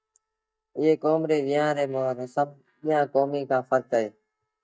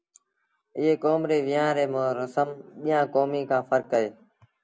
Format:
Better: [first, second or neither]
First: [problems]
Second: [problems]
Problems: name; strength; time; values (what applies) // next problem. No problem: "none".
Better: second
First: noise reduction (neural mask model DeepFilterNet 3)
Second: none